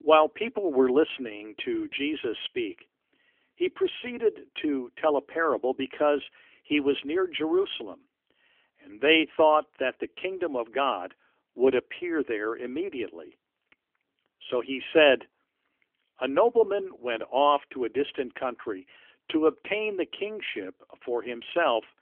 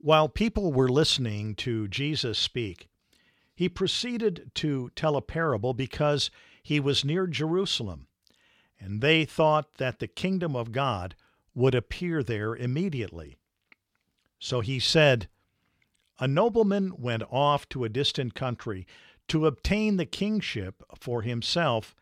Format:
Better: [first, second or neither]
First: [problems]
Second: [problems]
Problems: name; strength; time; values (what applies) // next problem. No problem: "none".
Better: second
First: phone-call audio; nothing above 3.5 kHz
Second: none